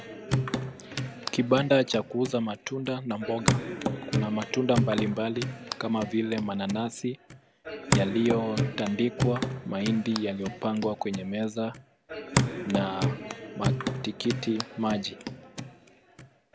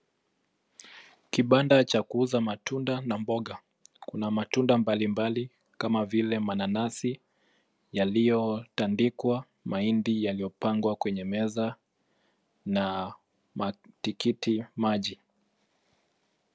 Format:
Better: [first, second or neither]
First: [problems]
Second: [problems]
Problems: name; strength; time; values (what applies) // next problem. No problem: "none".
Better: second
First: background sound (Hands / Wood); 2 dB below the speech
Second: none